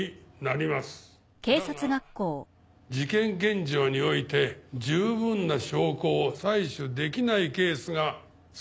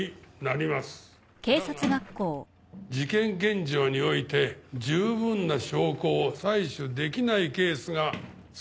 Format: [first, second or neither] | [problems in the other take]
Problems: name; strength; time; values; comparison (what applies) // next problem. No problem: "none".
first | background sound (Sliding door); 17 dB below the speech